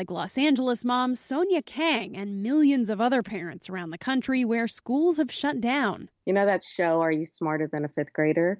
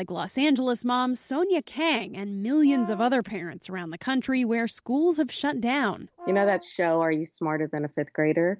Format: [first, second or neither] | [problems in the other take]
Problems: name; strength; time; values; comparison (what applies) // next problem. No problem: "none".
first | background sound (Brass instrument); 15 dB below the speech